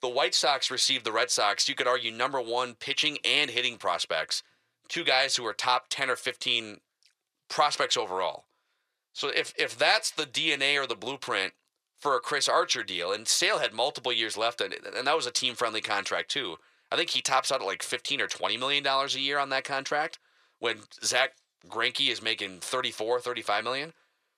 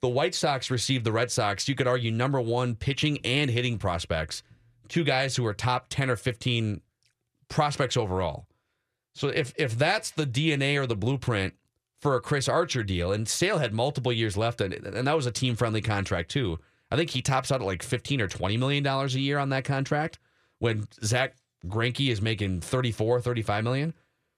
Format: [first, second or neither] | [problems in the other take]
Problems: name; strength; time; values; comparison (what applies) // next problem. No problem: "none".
second | thin; very; fading below 550 Hz